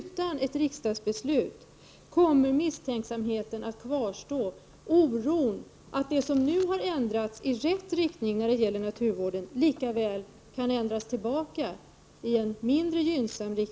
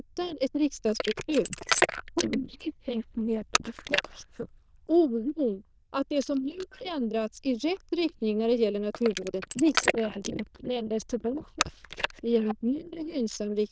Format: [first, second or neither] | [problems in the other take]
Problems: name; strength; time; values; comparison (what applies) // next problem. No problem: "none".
first | noise reduction (neural diffusion model UNIVERSE++)